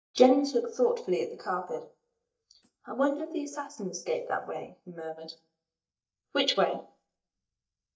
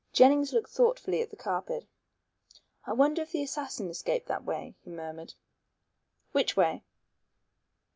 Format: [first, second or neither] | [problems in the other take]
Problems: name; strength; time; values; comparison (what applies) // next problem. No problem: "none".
second | noise reduction (neural mask model DeepFilterNet 3)